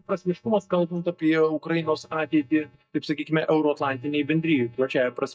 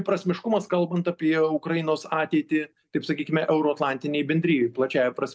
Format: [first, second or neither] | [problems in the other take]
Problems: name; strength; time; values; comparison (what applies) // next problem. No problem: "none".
second | noise reduction (neural mask model DeepFilterNet 3)